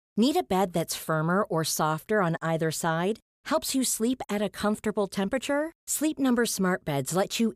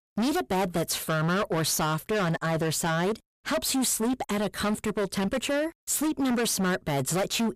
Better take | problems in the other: first | distortion; heavy; 25% of the sound clipped

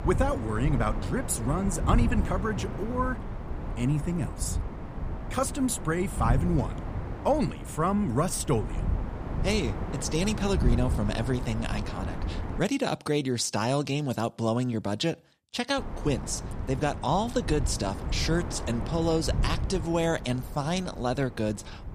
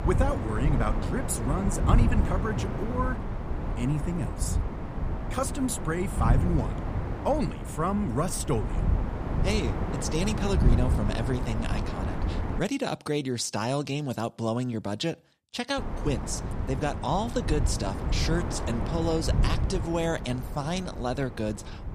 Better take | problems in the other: first | wind noise on the microphone; heavy; until 13 s and from 16 s on; 6 dB below the speech; occasional gusts in the first

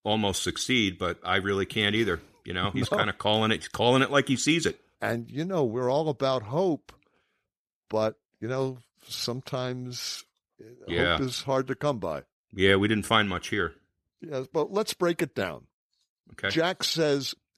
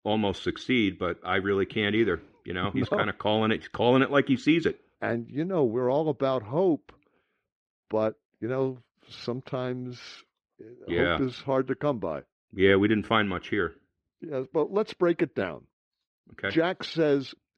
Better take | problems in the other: first | muffled; slightly; fading above 2.5 kHz

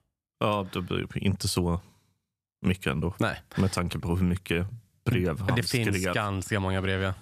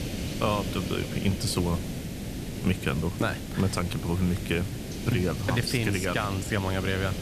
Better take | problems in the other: first | hiss; loud; throughout; 6 dB below the speech

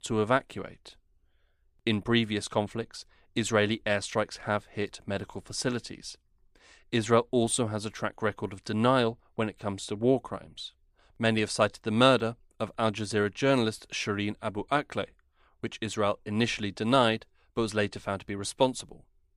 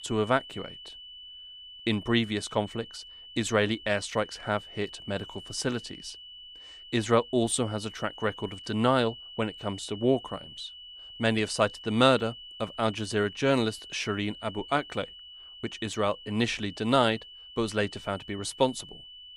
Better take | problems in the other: first | high-pitched whine; noticeable; throughout; 3 kHz, 15 dB below the speech

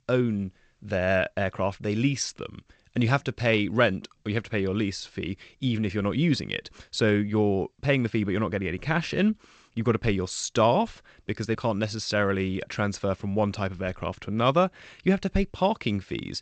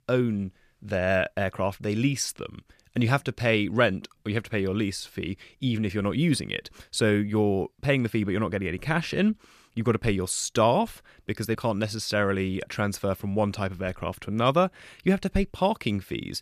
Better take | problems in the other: second | garbled, watery; slightly; nothing above 8 kHz

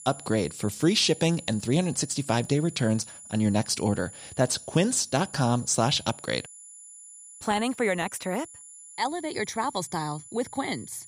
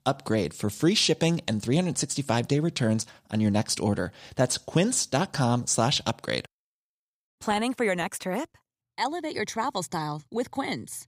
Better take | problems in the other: second | high-pitched whine; noticeable; throughout; 10 kHz, 15 dB below the speech

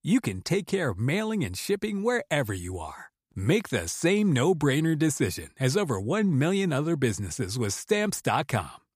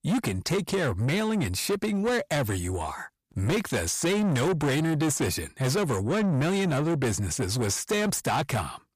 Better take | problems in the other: first | distortion; heavy; 8 dB below the speech

